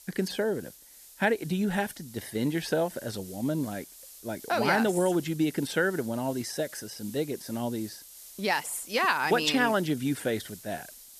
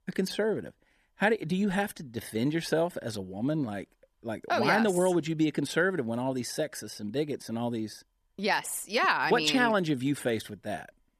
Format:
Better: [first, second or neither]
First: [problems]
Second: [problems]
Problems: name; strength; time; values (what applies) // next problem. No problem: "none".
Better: second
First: hiss; noticeable; throughout; 15 dB below the speech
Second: none